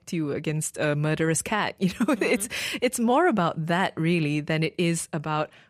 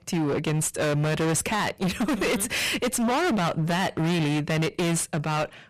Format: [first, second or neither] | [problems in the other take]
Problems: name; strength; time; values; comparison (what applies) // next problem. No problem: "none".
first | distortion; heavy; 37% of the sound clipped